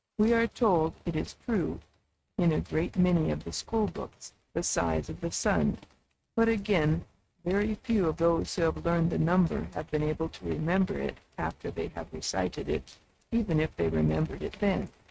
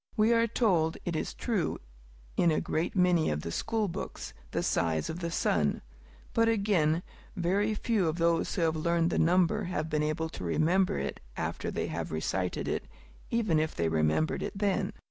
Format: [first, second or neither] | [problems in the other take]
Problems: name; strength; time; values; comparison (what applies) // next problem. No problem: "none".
second | noise reduction (neural mask model RNNoise)